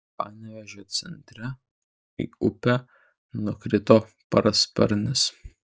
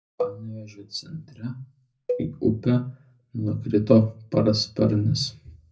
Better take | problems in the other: first | background sound (Cowbell); 11 dB below the speech // room echo; dies away in 0.4 s

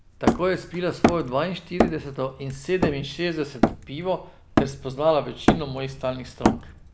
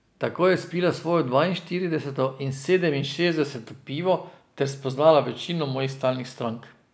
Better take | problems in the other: second | background sound (Hammer); 1 dB above the speech

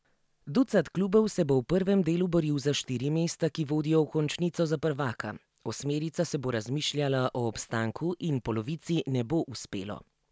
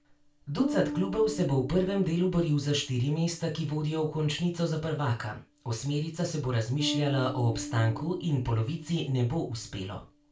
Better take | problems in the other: first | background sound (Bass guitar); 12 dB below the speech // room echo; dies away in 0.3 s

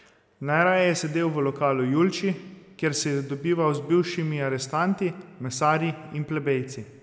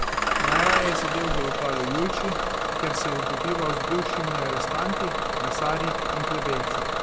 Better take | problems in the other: first | background sound (Engine starting / Bus); 5 dB above the speech

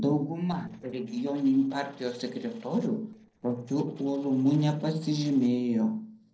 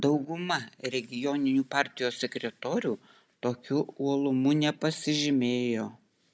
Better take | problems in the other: second | noise reduction (neural separator model SepFormer DNS4)

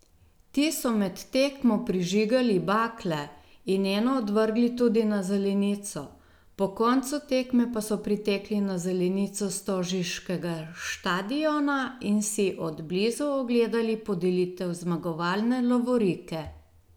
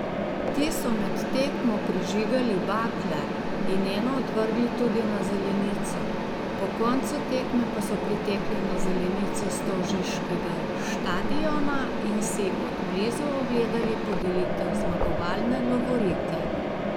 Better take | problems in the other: first | background sound (Mechanisms); 1 dB above the speech

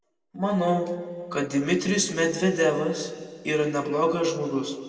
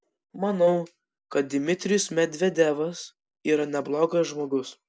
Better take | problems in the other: second | room echo; dies away in 1.9 s

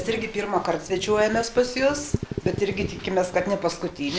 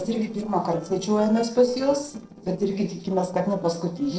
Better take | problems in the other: first | noise reduction (neural separator model SepFormer DNS4)

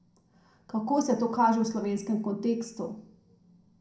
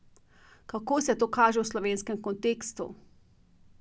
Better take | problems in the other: second | room echo; dies away in 0.5 s

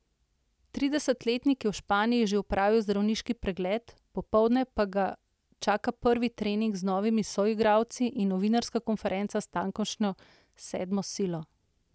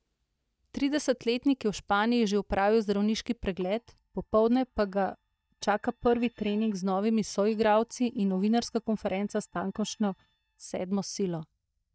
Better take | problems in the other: first | noise reduction (neural mask model DeepFilterNet 3)

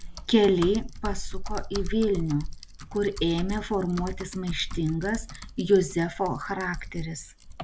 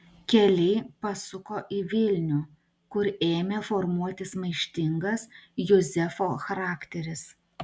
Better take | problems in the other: second | background sound (Typing); 7 dB below the speech

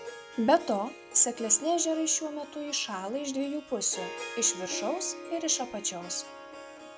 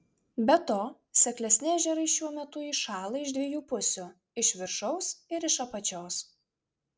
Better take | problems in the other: second | background sound (Harp); 13 dB below the speech

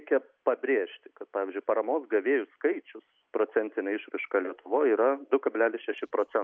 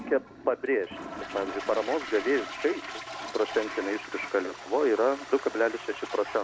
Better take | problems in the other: first | background sound (Toilet flush); 11 dB below the speech

